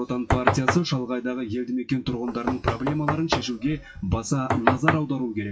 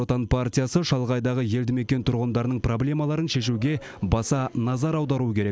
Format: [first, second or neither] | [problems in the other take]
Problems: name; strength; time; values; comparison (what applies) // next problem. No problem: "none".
second | noise reduction (classical method WPE with log-MMSE)